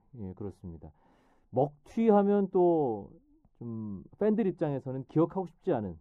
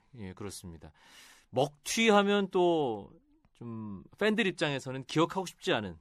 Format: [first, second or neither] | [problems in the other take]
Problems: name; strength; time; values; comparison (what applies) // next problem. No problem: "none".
second | muffled; very; fading above 1.5 kHz